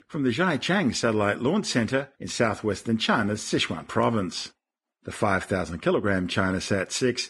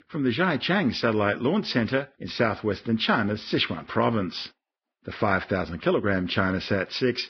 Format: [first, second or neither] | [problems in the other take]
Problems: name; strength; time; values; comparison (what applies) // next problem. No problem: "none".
first | garbled, watery; badly; nothing above 5.5 kHz; slightly in the first